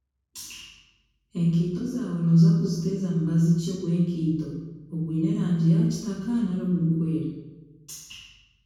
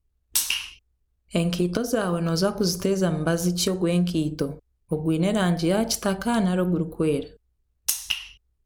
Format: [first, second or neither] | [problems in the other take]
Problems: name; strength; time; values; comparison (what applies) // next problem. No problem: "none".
second | room echo; dies away in 1.1 s